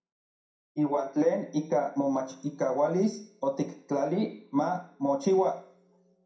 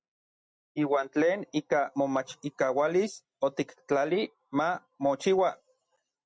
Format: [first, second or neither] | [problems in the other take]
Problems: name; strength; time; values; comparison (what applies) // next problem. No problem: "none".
second | room echo; dies away in 0.5 s